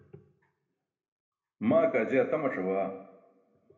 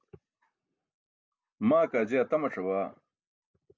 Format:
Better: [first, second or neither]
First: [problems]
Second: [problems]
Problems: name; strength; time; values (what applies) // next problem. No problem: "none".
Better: second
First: room echo; dies away in 0.9 s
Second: none